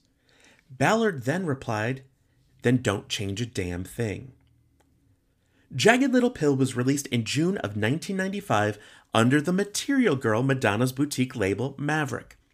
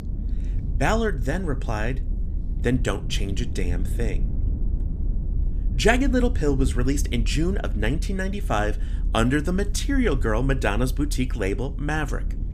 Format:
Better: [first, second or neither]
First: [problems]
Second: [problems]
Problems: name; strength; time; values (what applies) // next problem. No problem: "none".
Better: first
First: none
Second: low rumble; noticeable; throughout; 20 dB below the speech